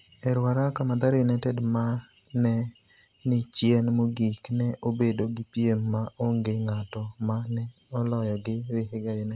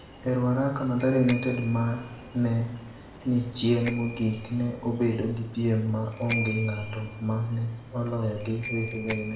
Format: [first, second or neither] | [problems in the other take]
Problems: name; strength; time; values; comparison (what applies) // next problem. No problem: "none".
first | background sound (Bicycle bell); 14 dB below the speech // room echo; dies away in 0.7 s